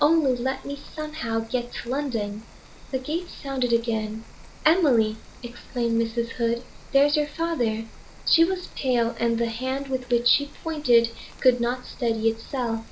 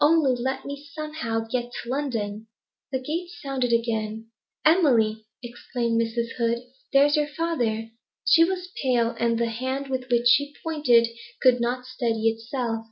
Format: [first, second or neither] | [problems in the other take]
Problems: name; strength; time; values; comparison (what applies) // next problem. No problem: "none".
second | background sound (Rain); 19 dB below the speech